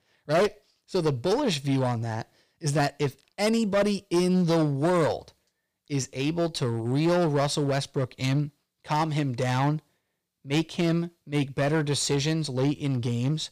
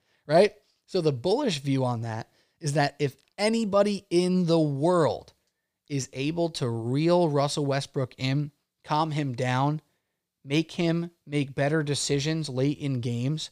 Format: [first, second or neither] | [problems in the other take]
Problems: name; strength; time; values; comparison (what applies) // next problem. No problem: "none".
second | distortion; slight; 8% of the sound clipped